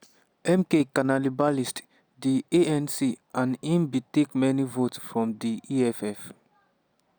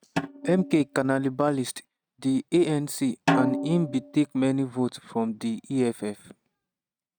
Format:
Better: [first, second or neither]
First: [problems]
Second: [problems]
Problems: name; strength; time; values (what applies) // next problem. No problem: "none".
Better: first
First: none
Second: noise reduction (neural mask model RNNoise)